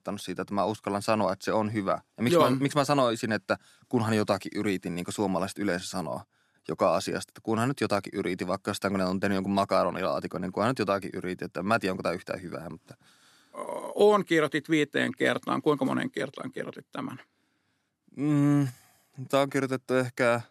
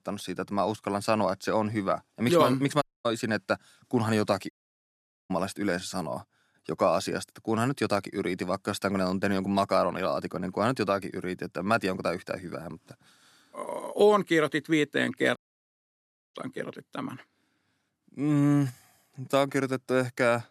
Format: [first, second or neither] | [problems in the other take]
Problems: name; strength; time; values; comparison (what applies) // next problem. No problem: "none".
first | audio cutting out; at 3 s, at 4.5 s for 1 s and at 15 s for 1 s